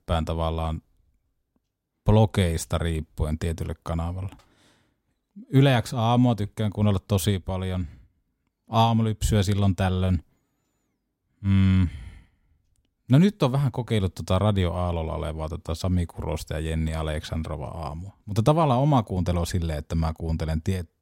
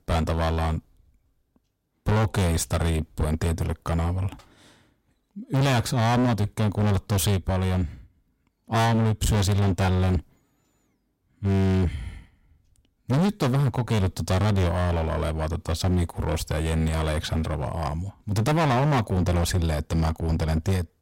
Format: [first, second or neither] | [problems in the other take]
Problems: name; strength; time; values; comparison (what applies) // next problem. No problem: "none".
first | distortion; heavy; 20% of the sound clipped